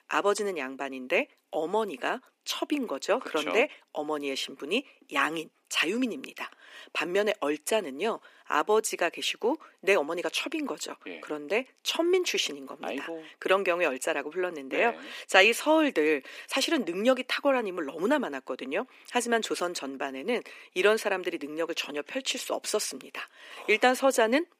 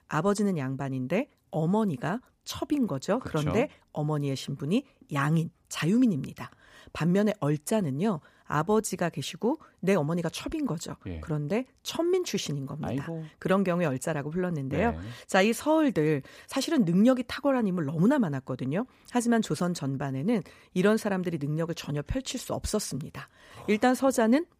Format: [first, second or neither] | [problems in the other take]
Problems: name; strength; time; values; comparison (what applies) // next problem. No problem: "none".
second | thin; somewhat; fading below 300 Hz